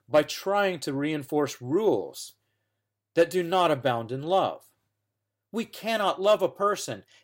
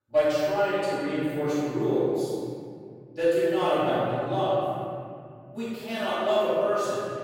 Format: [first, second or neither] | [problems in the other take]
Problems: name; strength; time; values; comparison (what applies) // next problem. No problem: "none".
first | off-mic speech; far // room echo; strong; dies away in 2.7 s